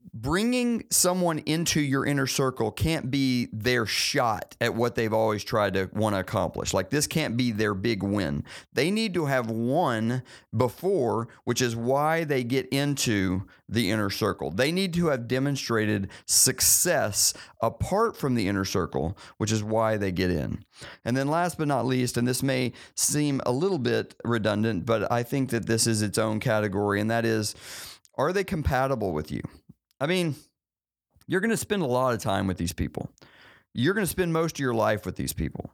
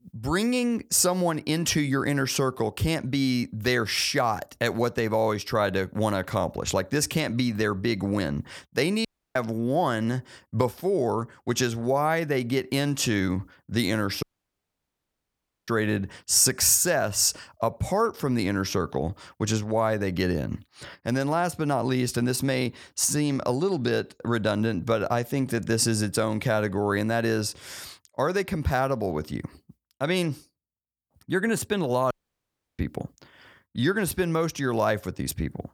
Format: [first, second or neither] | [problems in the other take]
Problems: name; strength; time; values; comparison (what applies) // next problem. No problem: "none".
first | audio cutting out; at 9 s, at 14 s for 1.5 s and at 32 s for 0.5 s